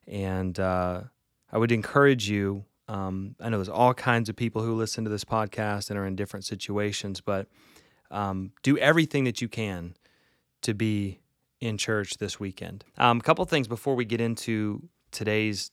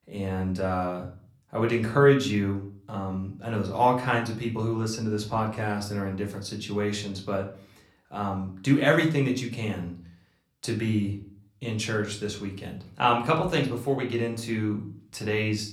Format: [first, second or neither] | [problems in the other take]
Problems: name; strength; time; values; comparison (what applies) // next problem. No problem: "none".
first | room echo; slight; dies away in 0.4 s // off-mic speech; somewhat distant